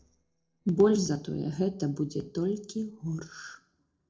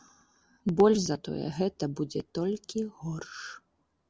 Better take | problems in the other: second | noise reduction (neural separator model SepFormer DNS4)

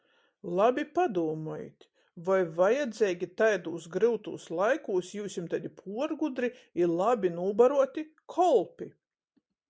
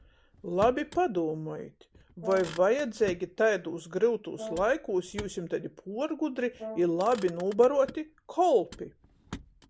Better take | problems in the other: first | background sound (Brass instrument + Motor vehicle (road)); 17 dB below the speech

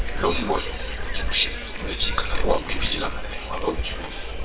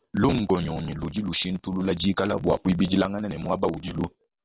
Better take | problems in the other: second | noise reduction (neural separator model SepFormer WHAMR!)

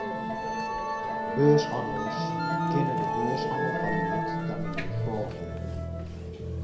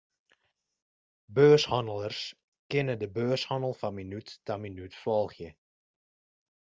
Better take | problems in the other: second | background sound (Musical instrument); 2 dB above the speech // room echo; dies away in 0.5 s

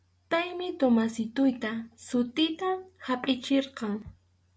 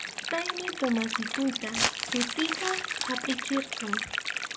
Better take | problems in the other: first | background sound (Stream + Crumpling, crinkling); as loud as the speech

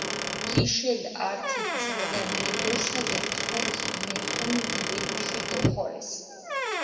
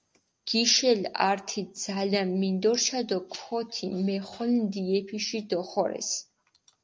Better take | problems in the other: second | background sound (Squeak / Wood); 3 dB above the speech // room echo; dies away in 2.3 s

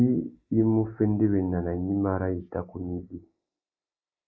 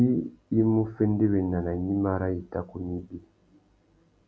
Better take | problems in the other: second | noise reduction (neural mask model Resemble Enhance denoiser)

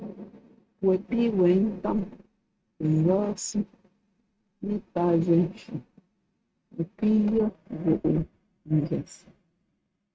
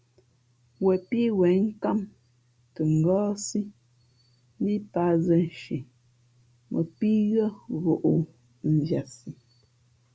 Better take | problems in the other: second | noise reduction (neural mask model RNNoise)

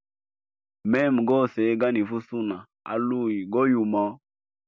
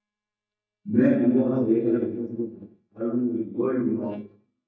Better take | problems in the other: first | noise reduction (neural mask model DeepFilterNet 3)

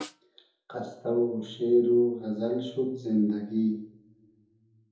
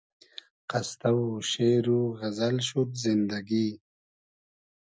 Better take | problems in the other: second | background sound (Snare drum); 18 dB below the speech // room echo; dies away in 2.7 s

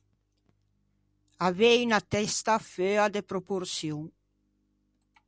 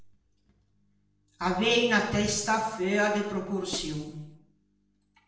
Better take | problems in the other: first | background sound (Hi-hat); 13 dB below the speech // room echo; dies away in 0.8 s

